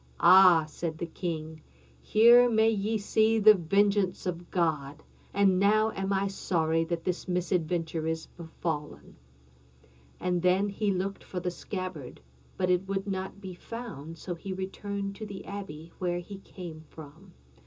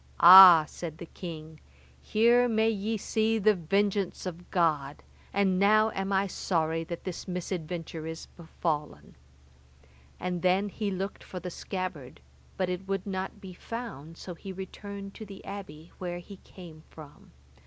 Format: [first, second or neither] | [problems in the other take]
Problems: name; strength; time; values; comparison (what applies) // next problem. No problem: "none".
second | room echo; dies away in 0.2 s